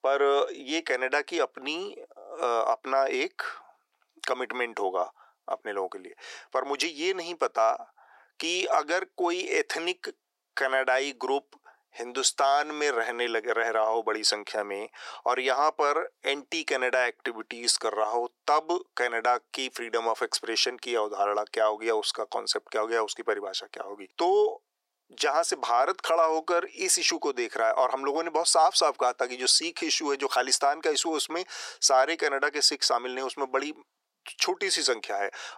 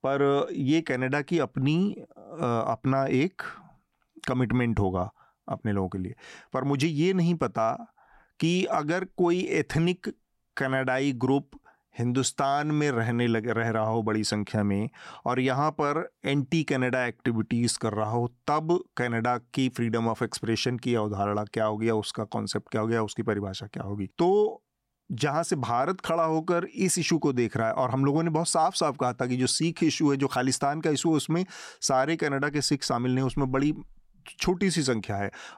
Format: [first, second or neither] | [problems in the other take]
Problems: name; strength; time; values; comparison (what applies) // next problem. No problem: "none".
second | thin; very; fading below 400 Hz